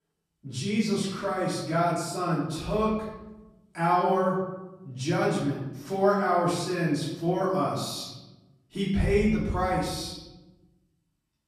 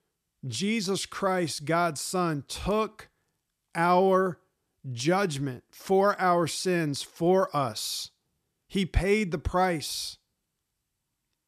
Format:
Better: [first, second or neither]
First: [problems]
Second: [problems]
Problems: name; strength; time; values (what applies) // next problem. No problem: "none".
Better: second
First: off-mic speech; far // room echo; noticeable; dies away in 1.1 s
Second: none